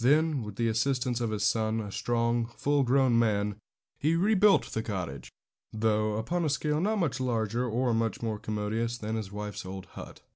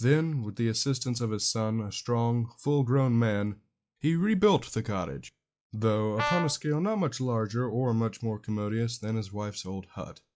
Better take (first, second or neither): first